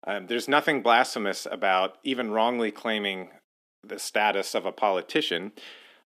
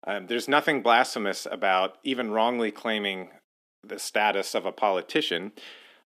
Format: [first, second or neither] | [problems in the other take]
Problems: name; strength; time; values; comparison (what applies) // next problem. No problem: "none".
neither | thin; somewhat; fading below 300 Hz; the same in both